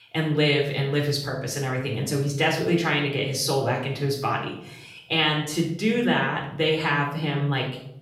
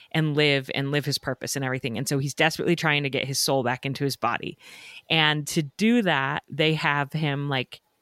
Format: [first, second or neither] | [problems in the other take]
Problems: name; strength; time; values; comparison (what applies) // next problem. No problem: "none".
second | off-mic speech; far // room echo; noticeable; dies away in 0.6 s